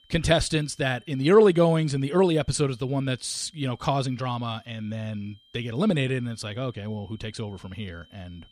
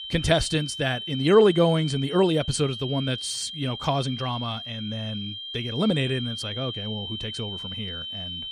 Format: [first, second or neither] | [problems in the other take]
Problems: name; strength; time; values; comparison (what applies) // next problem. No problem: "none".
first | high-pitched whine; loud; throughout; 3 kHz, 8 dB below the speech; faint in the first